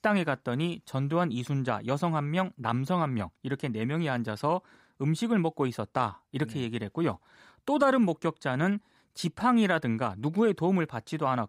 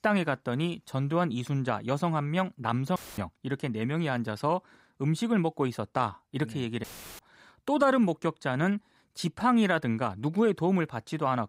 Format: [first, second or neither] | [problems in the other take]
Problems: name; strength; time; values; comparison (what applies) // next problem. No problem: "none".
first | audio cutting out; filled with static; at 3 s and at 7 s